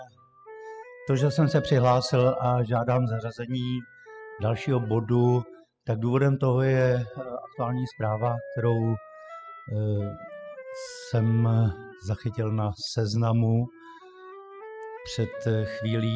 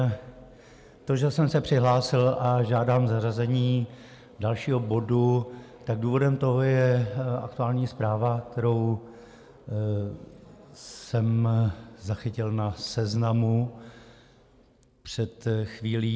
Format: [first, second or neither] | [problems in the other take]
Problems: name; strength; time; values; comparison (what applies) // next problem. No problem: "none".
second | noise reduction (classical method spectral subtraction)